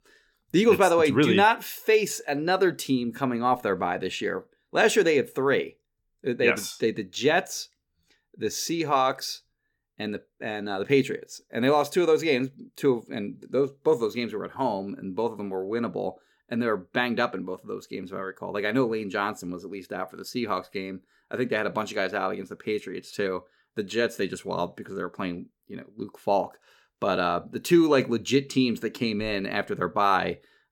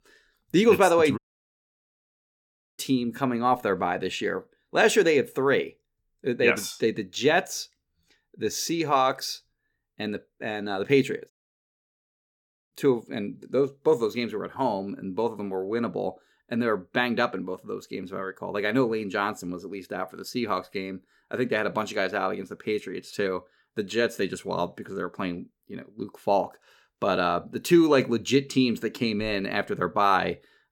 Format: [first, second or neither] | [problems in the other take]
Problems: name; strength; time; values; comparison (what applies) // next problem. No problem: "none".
first | audio cutting out; at 1 s for 1.5 s and at 11 s for 1.5 s